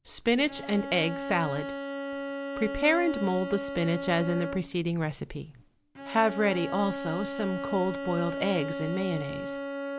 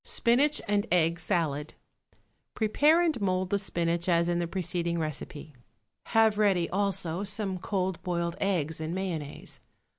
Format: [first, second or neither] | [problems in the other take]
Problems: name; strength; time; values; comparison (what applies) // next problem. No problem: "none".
second | background sound (Bowed string instrument); 6 dB below the speech